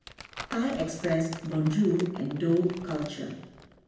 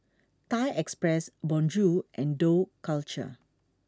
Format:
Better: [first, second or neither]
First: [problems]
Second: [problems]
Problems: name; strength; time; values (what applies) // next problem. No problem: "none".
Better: second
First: background sound (Crumpling, crinkling); 16 dB below the speech // room echo; dies away in 0.9 s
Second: none